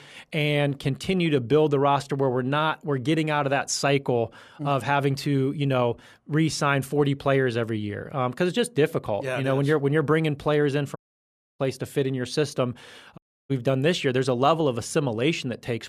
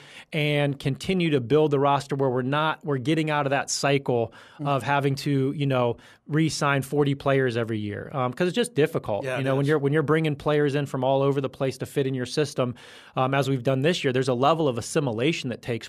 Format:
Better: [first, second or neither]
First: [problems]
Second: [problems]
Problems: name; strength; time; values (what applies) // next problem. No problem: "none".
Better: second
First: audio cutting out; at 11 s for 0.5 s and at 13 s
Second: none